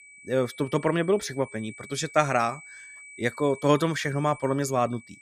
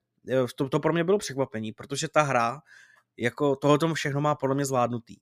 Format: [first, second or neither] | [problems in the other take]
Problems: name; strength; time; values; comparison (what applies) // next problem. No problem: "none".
second | high-pitched whine; noticeable; throughout; 2.5 kHz, 20 dB below the speech